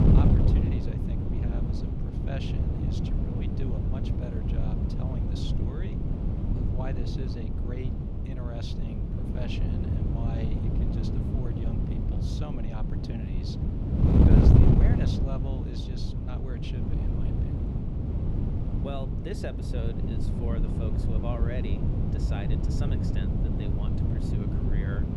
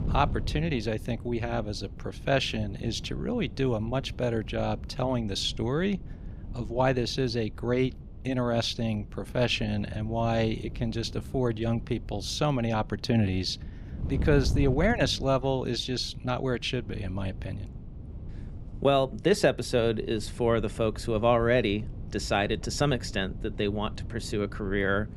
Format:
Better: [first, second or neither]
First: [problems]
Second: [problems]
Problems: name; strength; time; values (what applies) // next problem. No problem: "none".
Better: second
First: wind noise on the microphone; heavy; 5 dB above the speech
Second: wind noise on the microphone; occasional gusts; 20 dB below the speech